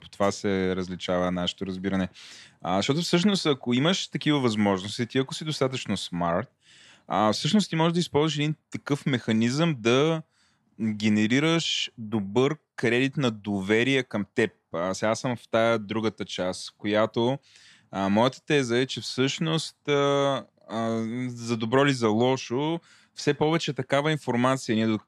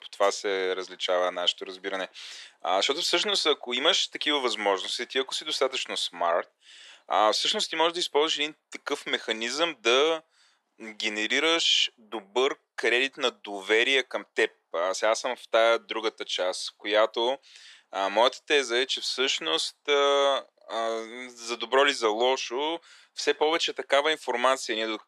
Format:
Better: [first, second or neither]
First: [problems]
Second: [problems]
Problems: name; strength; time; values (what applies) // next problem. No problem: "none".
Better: first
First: none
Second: thin; very; fading below 400 Hz